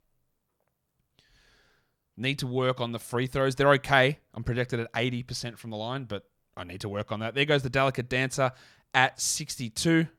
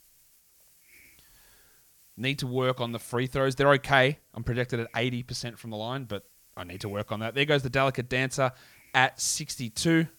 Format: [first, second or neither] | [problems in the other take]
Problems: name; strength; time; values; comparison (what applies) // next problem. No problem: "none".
first | hiss; faint; throughout; 30 dB below the speech